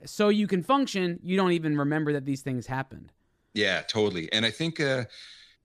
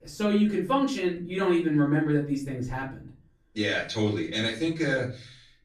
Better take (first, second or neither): first